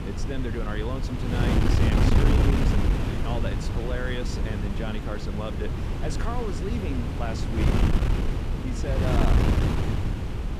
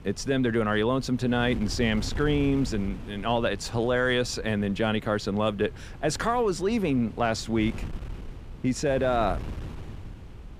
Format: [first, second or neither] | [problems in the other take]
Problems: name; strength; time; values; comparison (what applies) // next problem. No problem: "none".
second | wind noise on the microphone; heavy; 2 dB above the speech; occasional gusts in the second